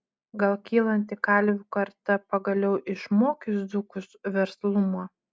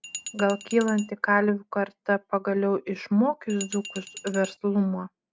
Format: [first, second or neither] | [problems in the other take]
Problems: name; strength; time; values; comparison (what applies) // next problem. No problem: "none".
first | background sound (Glass); 13 dB below the speech